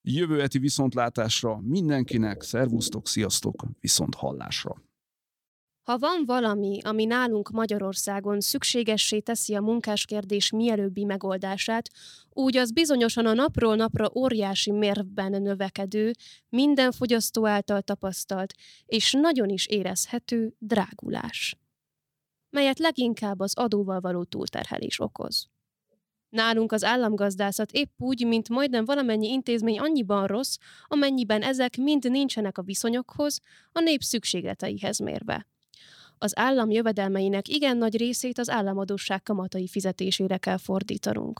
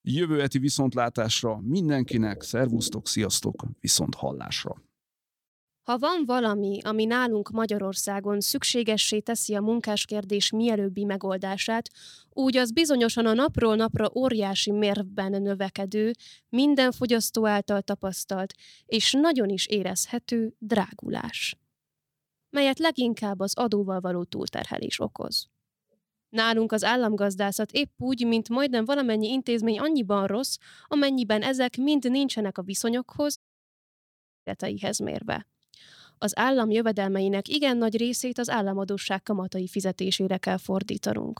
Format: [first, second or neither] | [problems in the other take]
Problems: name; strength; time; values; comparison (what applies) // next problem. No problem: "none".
first | audio cutting out; at 33 s for 1 s